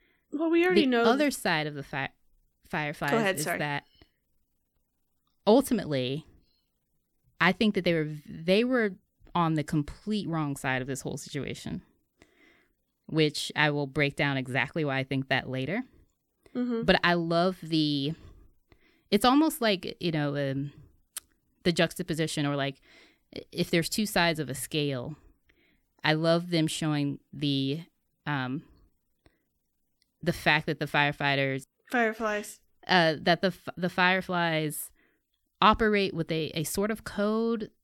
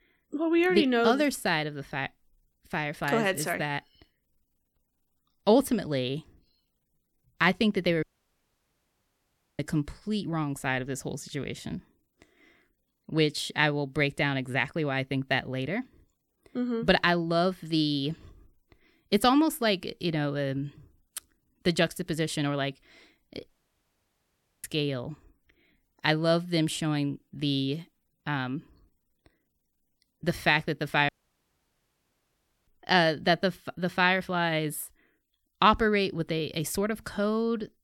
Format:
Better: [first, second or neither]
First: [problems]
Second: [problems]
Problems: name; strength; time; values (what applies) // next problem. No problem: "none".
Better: first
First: none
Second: audio cutting out; at 8 s for 1.5 s, at 23 s for 1 s and at 31 s for 1.5 s